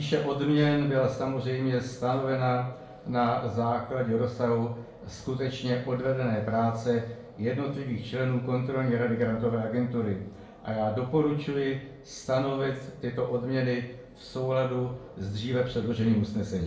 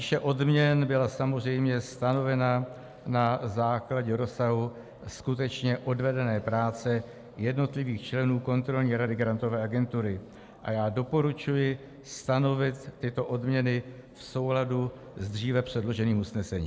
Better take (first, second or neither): second